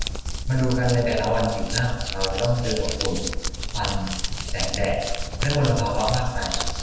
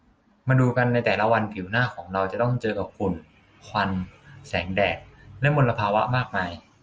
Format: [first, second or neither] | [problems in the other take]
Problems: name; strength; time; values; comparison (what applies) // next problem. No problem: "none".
second | background sound (Crumpling, crinkling); 2 dB below the speech // room echo; dies away in 1.1 s